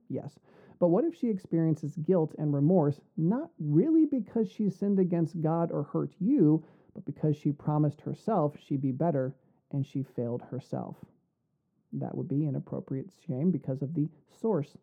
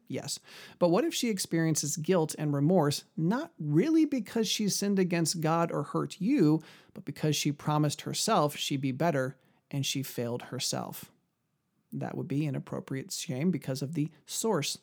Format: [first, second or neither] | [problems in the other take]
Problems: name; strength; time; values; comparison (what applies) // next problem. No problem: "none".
second | muffled; very; fading above 1.5 kHz